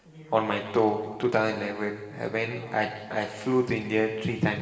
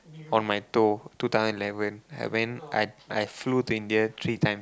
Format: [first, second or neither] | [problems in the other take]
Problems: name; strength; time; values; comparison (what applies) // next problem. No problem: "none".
second | room echo; dies away in 1.4 s